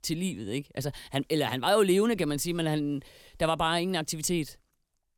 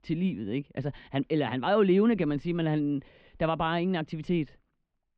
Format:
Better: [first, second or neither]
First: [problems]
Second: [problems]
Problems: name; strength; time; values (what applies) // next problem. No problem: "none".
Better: first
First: none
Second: muffled; very; fading above 3 kHz